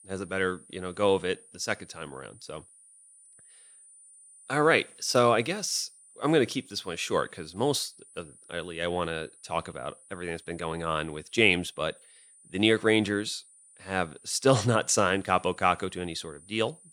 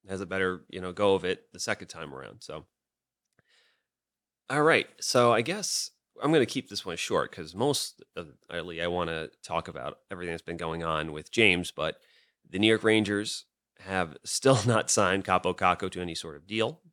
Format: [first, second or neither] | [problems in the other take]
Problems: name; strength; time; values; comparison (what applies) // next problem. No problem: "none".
second | high-pitched whine; faint; throughout; 9.5 kHz, 25 dB below the speech